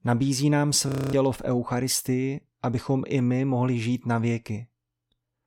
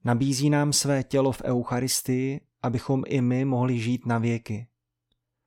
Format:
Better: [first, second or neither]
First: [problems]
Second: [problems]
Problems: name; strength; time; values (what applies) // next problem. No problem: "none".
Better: second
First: audio freezing; at 1 s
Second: none